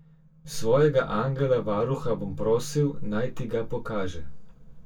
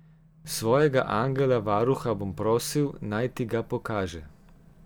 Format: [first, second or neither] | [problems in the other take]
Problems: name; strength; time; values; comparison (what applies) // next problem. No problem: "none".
second | room echo; dies away in 0.1 s